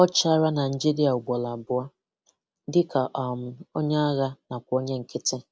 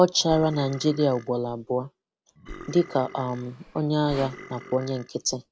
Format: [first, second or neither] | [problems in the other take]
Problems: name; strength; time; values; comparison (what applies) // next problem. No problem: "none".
first | background sound (Burping, eructation + Sawing); 17 dB below the speech